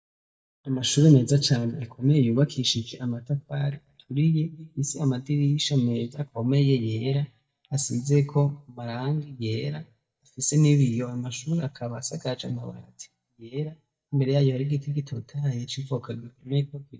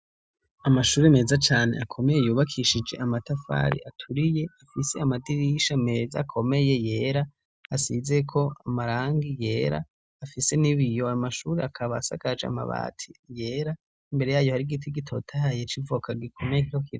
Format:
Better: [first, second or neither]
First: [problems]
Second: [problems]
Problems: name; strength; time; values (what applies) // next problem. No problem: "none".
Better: second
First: noise reduction (neural mask model DeepFilterNet 3)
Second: none